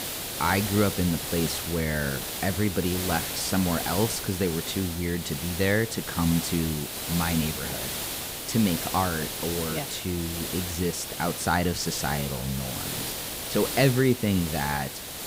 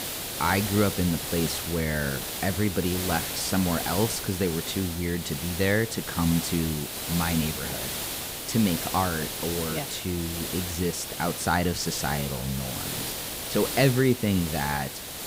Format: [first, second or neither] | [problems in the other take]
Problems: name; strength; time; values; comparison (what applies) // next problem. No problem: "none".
neither | hiss; loud; throughout; 4 dB below the speech; the same in both